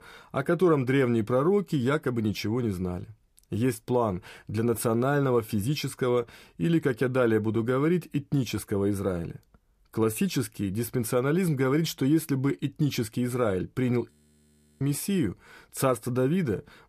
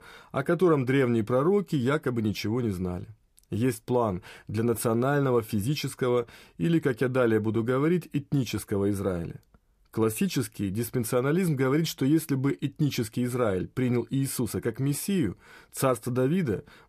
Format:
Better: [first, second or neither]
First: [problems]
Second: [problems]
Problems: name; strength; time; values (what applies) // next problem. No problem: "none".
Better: second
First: audio freezing; at 14 s for 0.5 s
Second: none